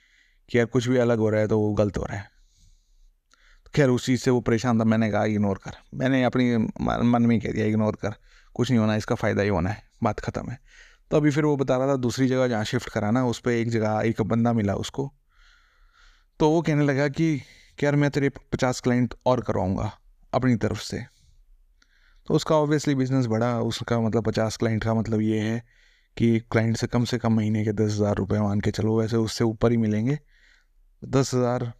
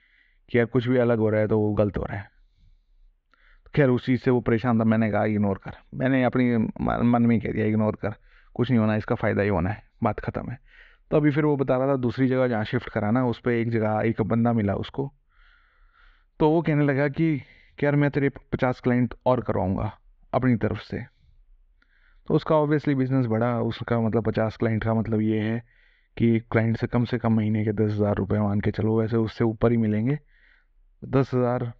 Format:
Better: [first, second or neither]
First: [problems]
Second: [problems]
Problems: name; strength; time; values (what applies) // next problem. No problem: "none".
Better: first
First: none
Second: muffled; very; fading above 3 kHz